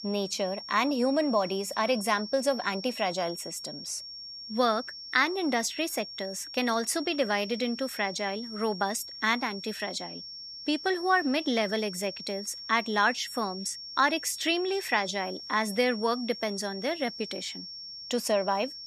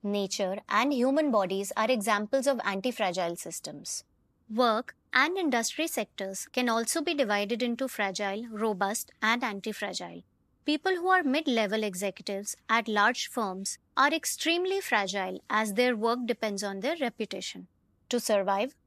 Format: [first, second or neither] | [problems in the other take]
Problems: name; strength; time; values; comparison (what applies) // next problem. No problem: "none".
second | high-pitched whine; noticeable; throughout; 5.5 kHz, 10 dB below the speech